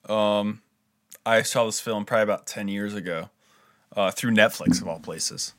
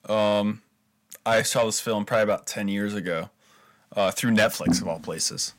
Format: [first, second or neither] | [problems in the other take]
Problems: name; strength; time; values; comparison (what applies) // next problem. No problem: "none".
first | distortion; slight; 10 dB below the speech